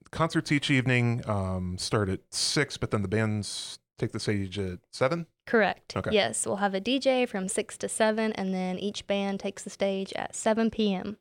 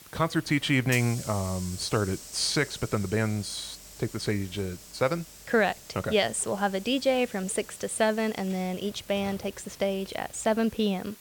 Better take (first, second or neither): first